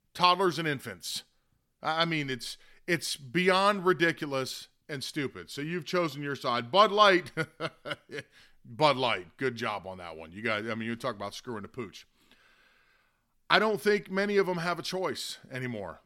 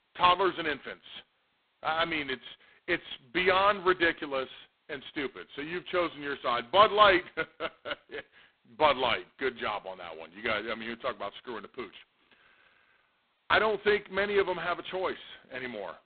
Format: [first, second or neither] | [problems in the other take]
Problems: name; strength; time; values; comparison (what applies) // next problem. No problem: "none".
first | phone-call audio; poor line; nothing above 4 kHz